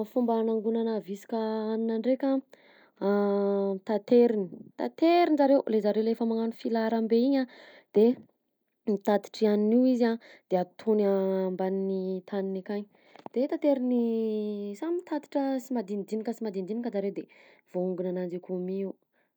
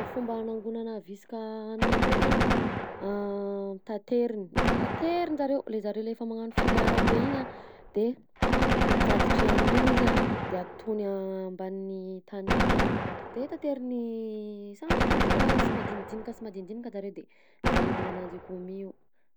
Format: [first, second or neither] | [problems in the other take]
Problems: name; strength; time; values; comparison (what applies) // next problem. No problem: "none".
first | background sound (Gunshot, gunfire); 5 dB above the speech